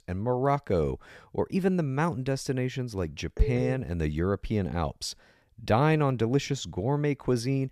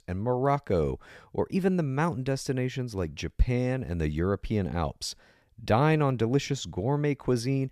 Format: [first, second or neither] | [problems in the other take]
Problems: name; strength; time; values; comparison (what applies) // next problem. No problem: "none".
second | phone ringing; noticeable; at 3.5 s; peak 6 dB below the speech